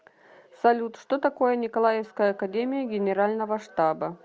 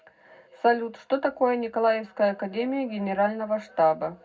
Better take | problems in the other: first | room echo; dies away in 0.3 s

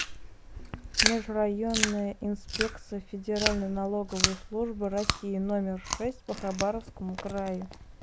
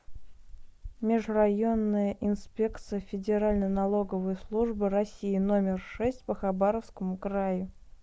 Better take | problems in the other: second | background sound (Chewing, mastication); 3 dB below the speech

